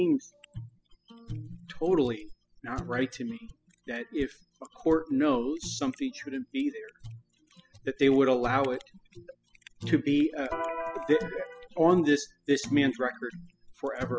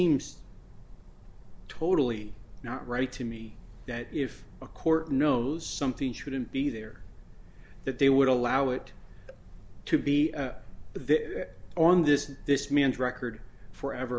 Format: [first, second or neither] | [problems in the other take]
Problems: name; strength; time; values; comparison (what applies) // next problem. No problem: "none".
second | noise reduction (classical method spectral subtraction)